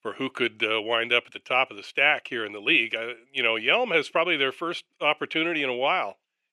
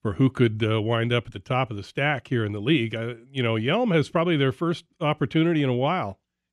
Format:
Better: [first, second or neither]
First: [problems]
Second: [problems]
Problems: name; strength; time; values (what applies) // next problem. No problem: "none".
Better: second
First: thin; very; fading below 550 Hz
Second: none